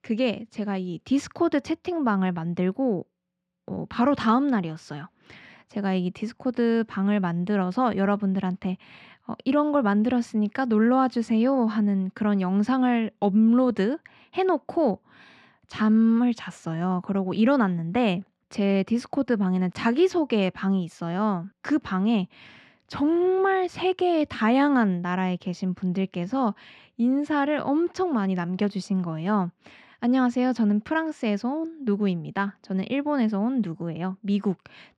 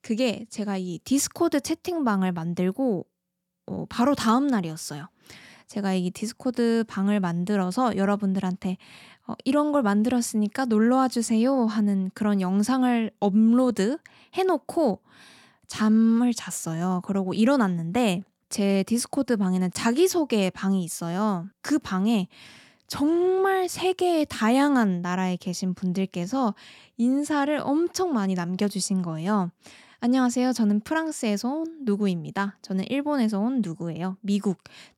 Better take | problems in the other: second | muffled; slightly; fading above 2.5 kHz

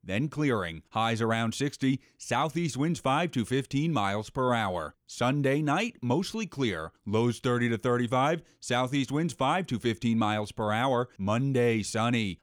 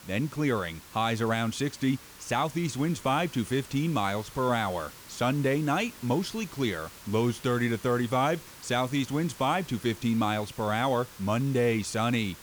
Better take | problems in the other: first | hiss; noticeable; throughout; 20 dB below the speech

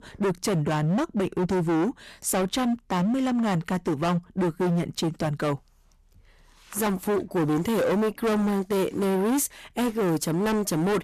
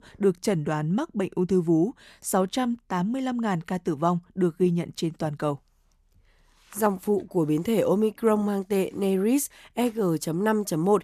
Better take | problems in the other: second | distortion; heavy; 25% of the sound clipped

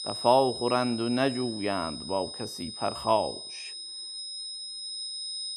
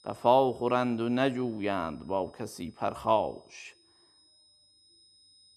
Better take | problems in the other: second | high-pitched whine; loud; throughout; 5 kHz, 8 dB below the speech; faint in the second

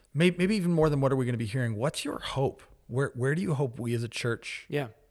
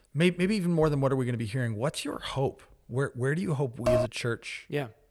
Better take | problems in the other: first | clattering dishes; loud; at 4 s; peak 2 dB above the speech

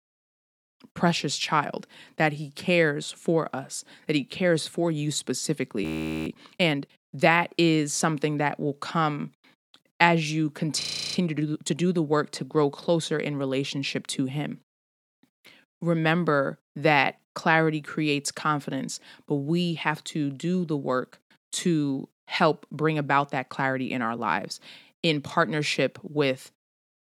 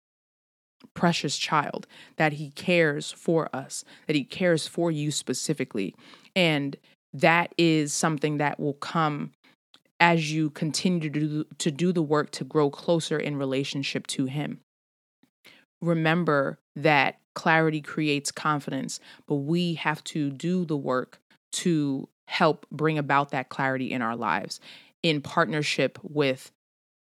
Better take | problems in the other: second | audio freezing; at 6 s and at 11 s

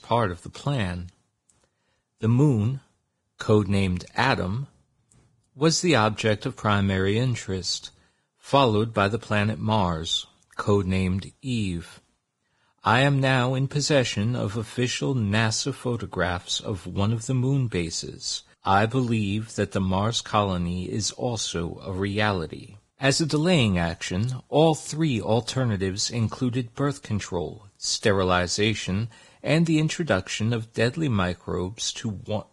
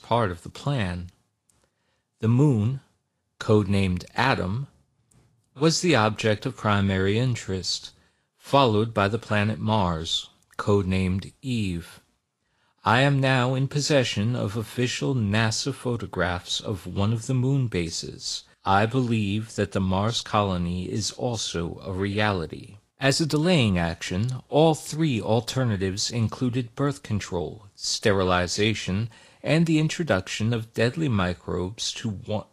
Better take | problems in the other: second | garbled, watery; badly; nothing above 10.5 kHz; slightly in the second

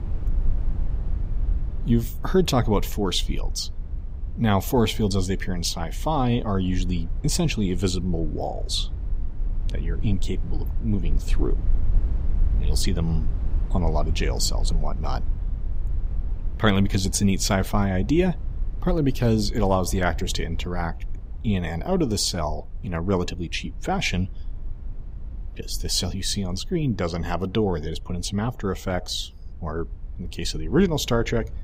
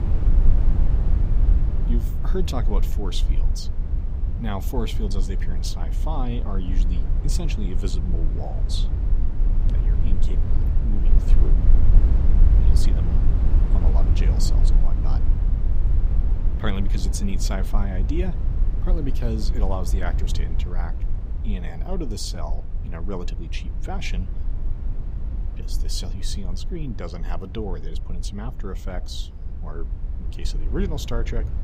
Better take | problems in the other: first | low rumble; loud; throughout; 6 dB below the speech; faint in the first

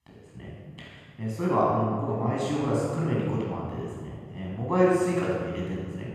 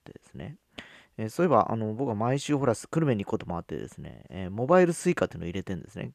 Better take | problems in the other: second | off-mic speech; far // room echo; strong; dies away in 1.7 s

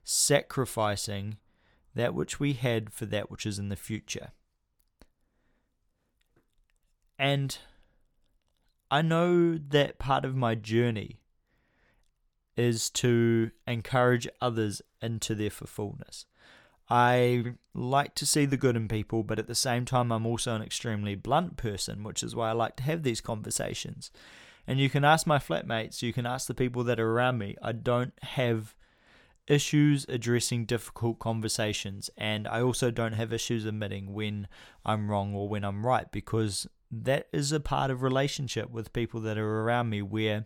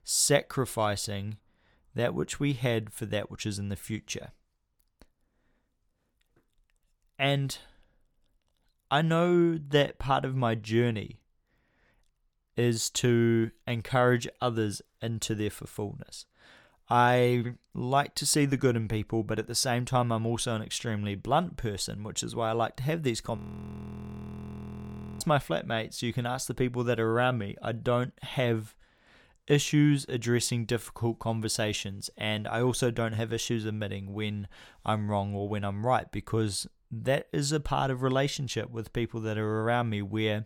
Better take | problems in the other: first | audio freezing; at 23 s for 2 s

